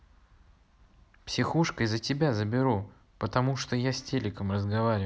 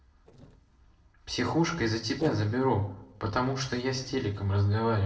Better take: first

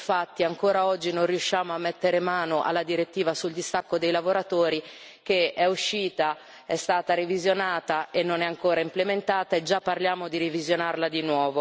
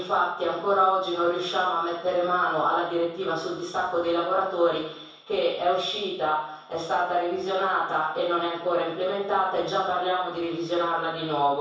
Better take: first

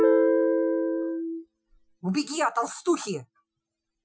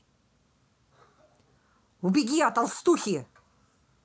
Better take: second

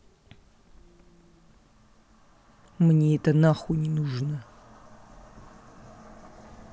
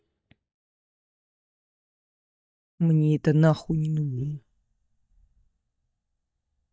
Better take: first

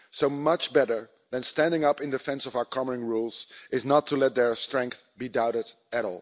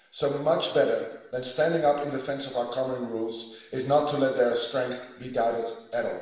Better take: first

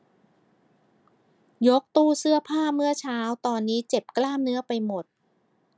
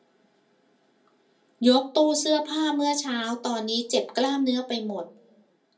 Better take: first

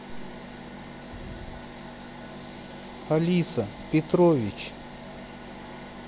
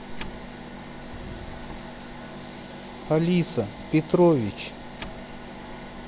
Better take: first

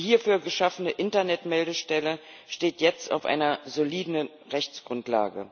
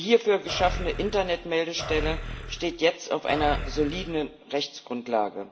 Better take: first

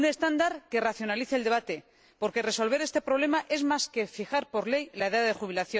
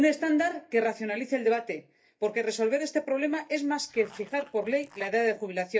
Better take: first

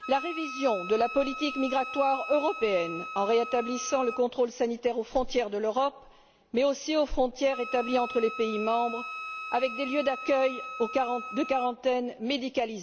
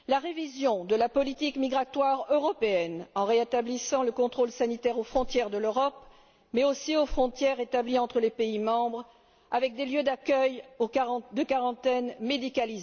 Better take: second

